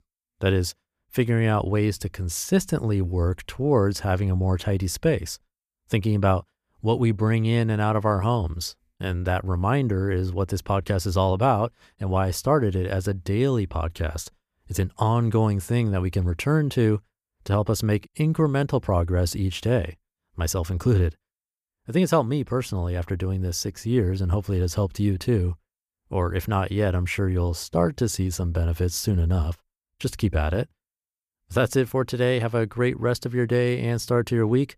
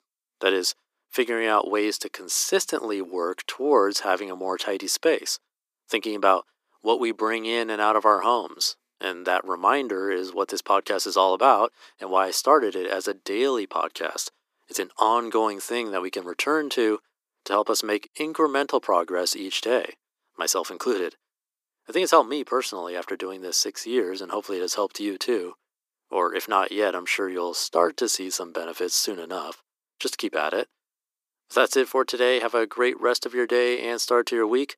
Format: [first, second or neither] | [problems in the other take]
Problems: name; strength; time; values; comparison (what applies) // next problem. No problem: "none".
first | thin; very; fading below 300 Hz